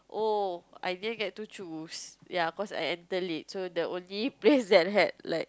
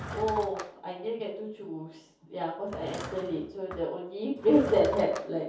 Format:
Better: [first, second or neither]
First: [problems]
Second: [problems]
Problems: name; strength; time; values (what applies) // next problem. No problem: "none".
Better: first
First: none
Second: background sound (Drawer open or close / Wood); 13 dB below the speech // room echo; dies away in 0.6 s